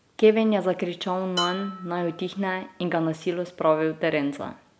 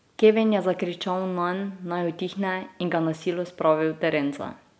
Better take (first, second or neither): second